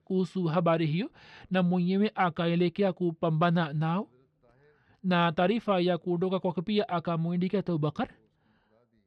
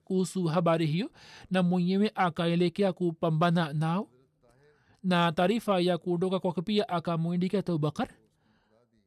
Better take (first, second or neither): second